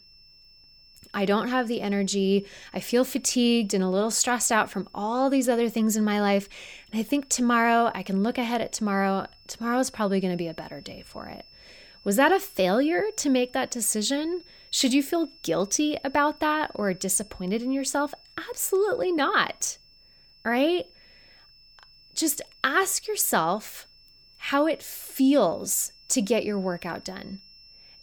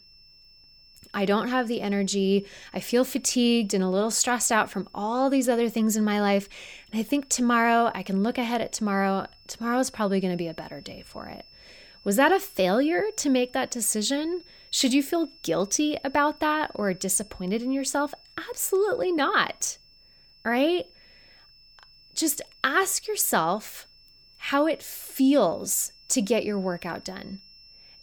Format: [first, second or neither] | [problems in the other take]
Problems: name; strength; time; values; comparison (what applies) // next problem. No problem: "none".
neither | high-pitched whine; faint; throughout; 5.5 kHz, 25 dB below the speech; the same in both